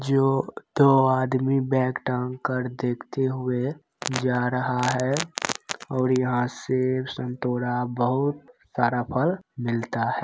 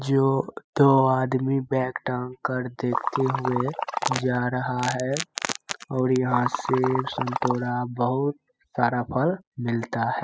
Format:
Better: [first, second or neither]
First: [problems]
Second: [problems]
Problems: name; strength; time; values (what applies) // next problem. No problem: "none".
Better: first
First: none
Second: noise reduction (classical method spectral subtraction)